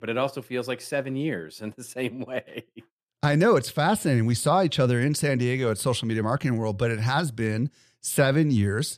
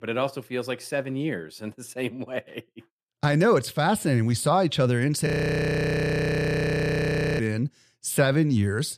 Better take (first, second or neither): first